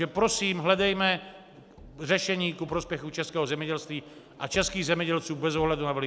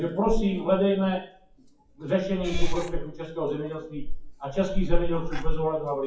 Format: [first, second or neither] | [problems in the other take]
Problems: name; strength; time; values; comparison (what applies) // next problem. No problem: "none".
first | noise reduction (classical method WPE with log-MMSE)